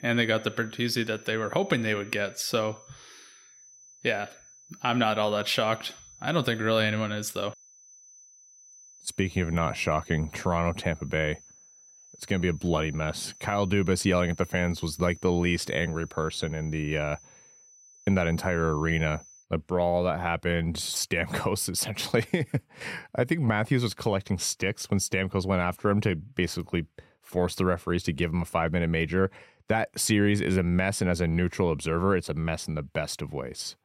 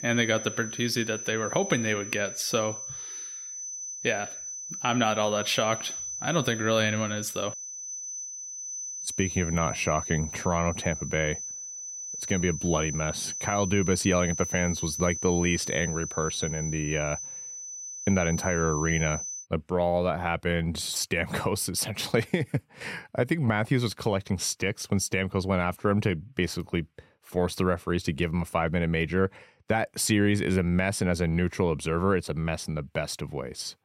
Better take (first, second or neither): first